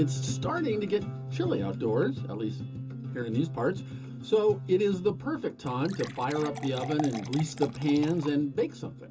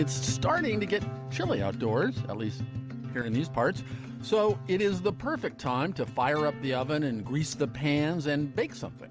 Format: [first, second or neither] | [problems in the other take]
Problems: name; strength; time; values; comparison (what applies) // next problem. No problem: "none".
second | background sound (Fill (with liquid) / Water); 12 dB below the speech // room echo; dies away in 0.2 s